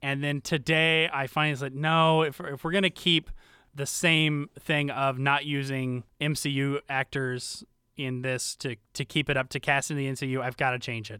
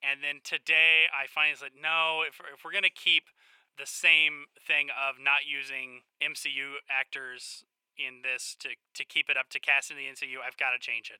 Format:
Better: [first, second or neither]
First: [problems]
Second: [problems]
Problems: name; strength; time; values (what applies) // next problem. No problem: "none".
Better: first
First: none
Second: thin; very; fading below 700 Hz